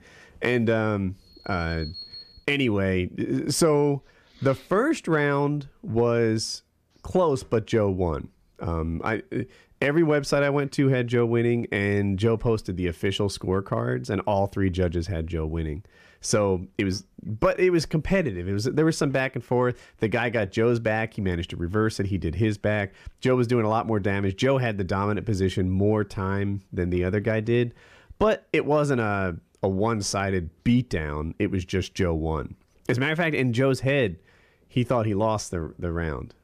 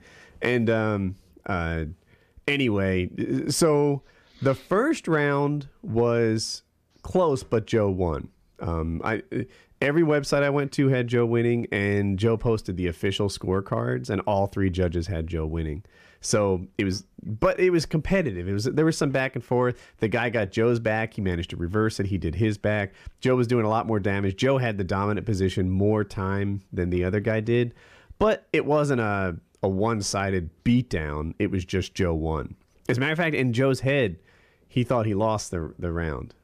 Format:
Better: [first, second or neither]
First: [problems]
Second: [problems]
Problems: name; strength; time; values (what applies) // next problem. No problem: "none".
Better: second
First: alarm; faint; from 1.5 to 2.5 s; peak 10 dB below the speech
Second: none